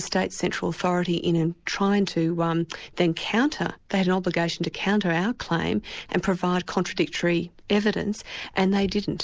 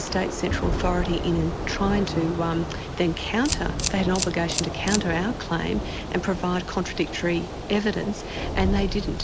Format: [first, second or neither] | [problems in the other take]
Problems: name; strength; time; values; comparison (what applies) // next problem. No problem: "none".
first | background sound (Thunder / Rain + Camera); 3 dB below the speech